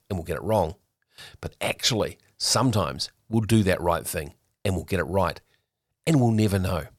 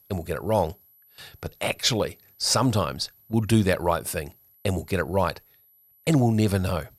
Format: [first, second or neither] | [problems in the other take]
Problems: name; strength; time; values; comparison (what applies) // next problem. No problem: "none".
first | high-pitched whine; faint; throughout; 12 kHz, 30 dB below the speech